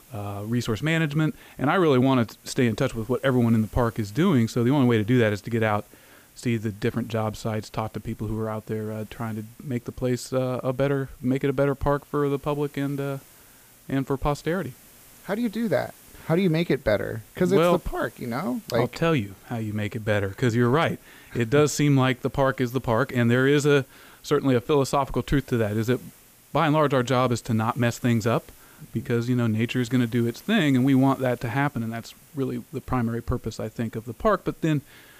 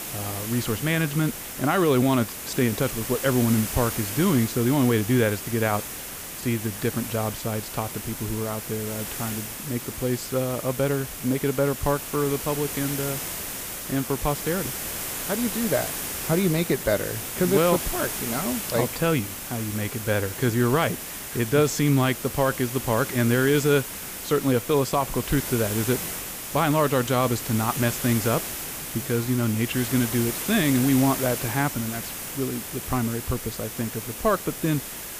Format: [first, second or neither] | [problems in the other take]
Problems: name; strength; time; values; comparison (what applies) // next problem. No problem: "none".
first | hiss; loud; throughout; 6 dB below the speech; faint in the first